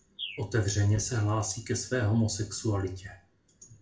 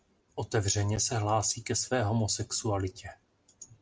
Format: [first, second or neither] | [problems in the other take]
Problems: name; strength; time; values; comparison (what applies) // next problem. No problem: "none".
second | background sound (Bird); 17 dB below the speech // room echo; dies away in 0.3 s